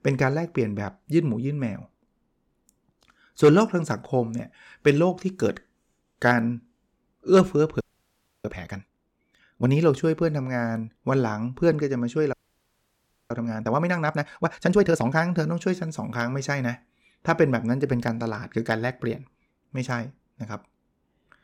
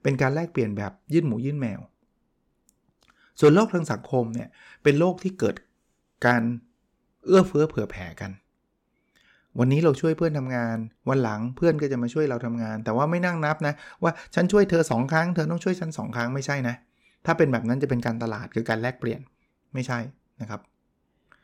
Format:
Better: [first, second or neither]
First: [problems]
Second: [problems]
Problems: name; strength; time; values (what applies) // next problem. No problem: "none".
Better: second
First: audio freezing; at 8 s for 0.5 s and at 12 s for 1 s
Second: none